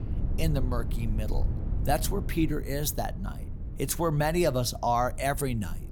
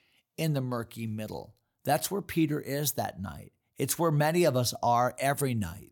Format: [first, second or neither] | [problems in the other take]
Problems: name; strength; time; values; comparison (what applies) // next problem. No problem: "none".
second | low rumble; noticeable; throughout; 20 dB below the speech